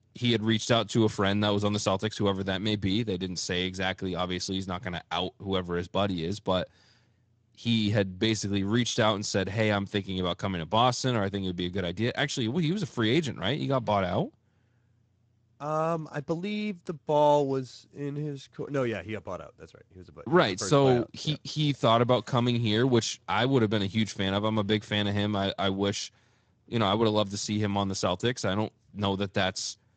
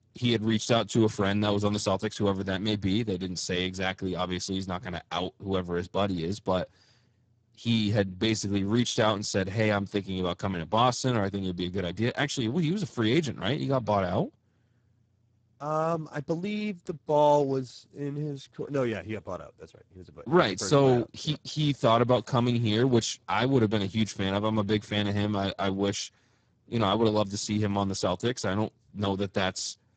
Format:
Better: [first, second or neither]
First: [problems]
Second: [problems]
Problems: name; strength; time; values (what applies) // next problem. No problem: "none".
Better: first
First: garbled, watery; slightly; nothing above 7.5 kHz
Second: garbled, watery; badly; nothing above 7.5 kHz